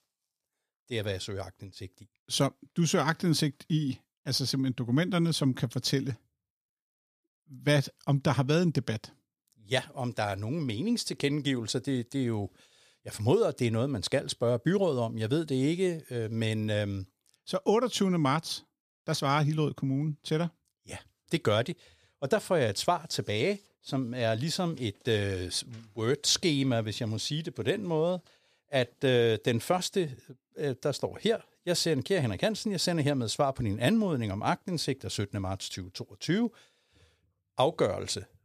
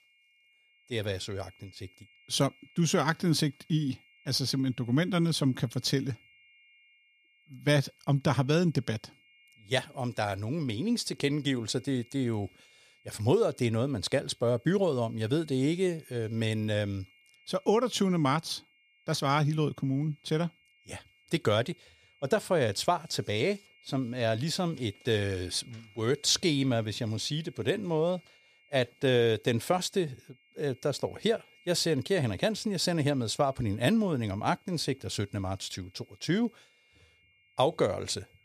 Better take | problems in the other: first | high-pitched whine; faint; throughout; 2 kHz, 30 dB below the speech

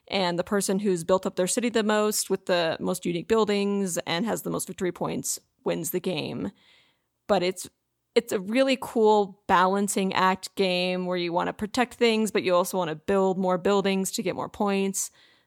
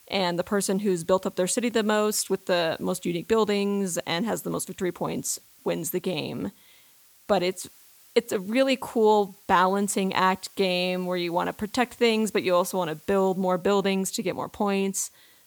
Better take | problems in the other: first | hiss; faint; throughout; 25 dB below the speech

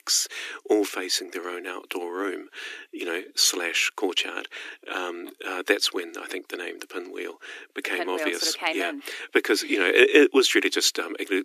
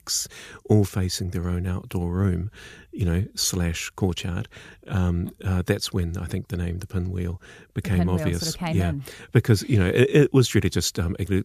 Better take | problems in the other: second | thin; very; fading below 300 Hz

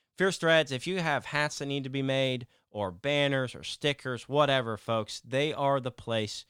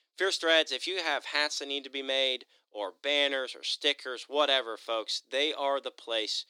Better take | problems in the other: first | thin; somewhat; fading below 300 Hz

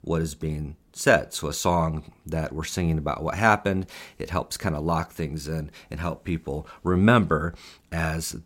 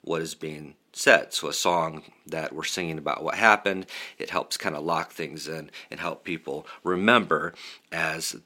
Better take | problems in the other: first | thin; somewhat; fading below 300 Hz

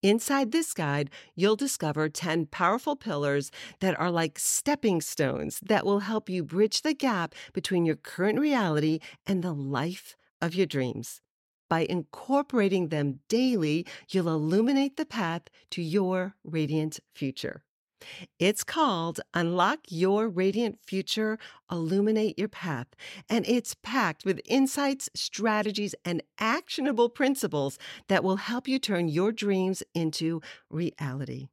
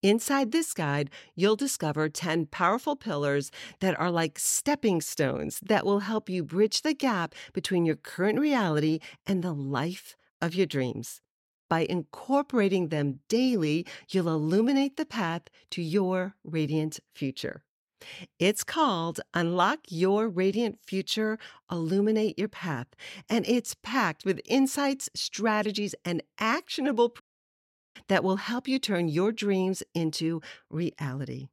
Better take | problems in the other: first | audio cutting out; at 27 s for 1 s

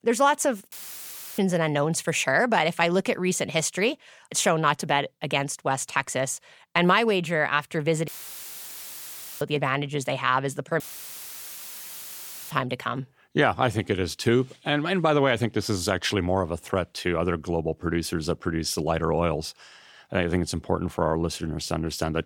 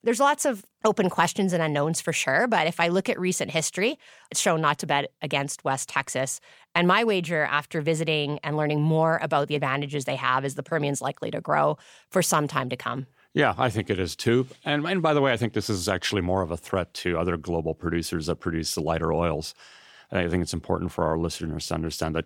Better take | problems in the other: second | audio cutting out; filled with static; at 0.5 s for 0.5 s, at 8 s for 1.5 s and at 11 s for 1.5 s

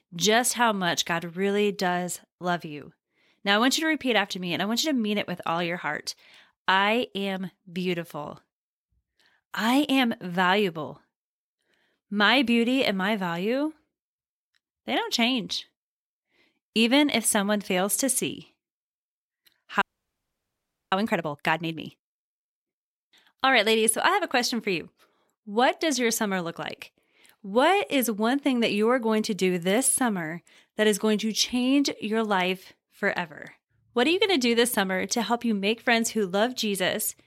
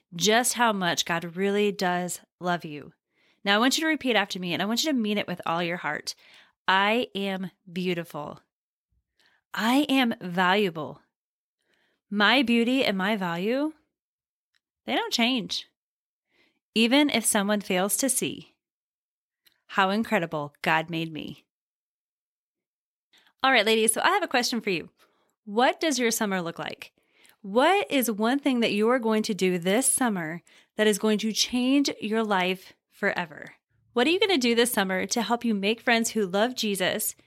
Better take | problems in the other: second | audio freezing; at 20 s for 1 s

